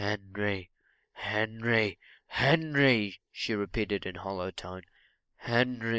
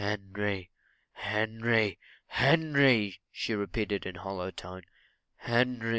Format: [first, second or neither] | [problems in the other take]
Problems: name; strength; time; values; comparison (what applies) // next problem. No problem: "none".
second | noise reduction (neural mask model Resemble Enhance denoiser)